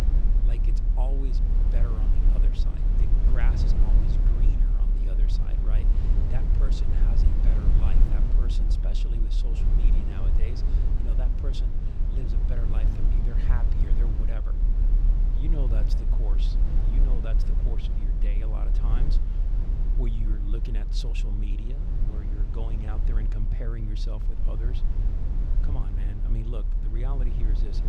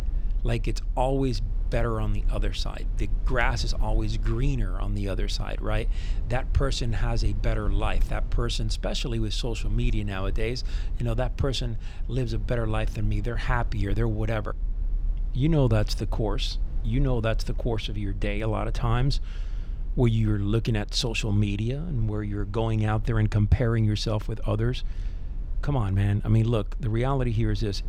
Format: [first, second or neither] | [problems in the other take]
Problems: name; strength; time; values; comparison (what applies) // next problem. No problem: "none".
second | low rumble; loud; throughout; as loud as the speech; faint in the second